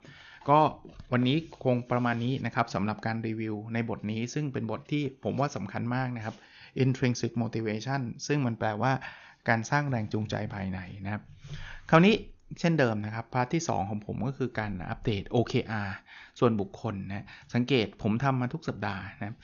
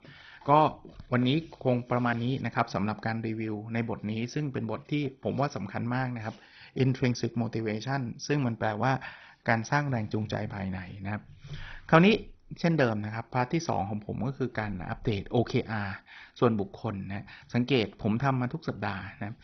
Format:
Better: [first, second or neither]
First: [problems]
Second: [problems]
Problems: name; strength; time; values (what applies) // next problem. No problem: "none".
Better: first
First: garbled, watery; slightly; nothing above 6.5 kHz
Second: garbled, watery; badly; nothing above 6 kHz